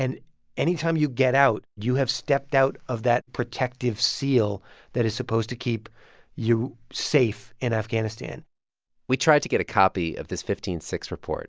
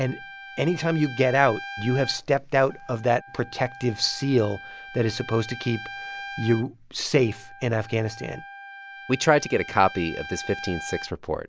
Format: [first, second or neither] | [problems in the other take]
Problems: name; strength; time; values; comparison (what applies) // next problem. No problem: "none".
first | background sound (Trumpet); 14 dB below the speech